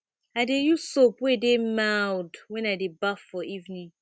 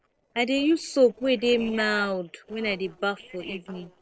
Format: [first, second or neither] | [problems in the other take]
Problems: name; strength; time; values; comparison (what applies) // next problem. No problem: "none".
first | noise reduction (neural separator model SepFormer DNS4)